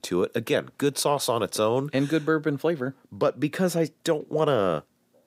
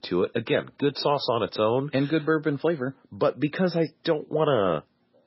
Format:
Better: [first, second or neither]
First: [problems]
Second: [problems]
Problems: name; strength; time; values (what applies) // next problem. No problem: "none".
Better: first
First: none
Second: garbled, watery; badly; nothing above 5.5 kHz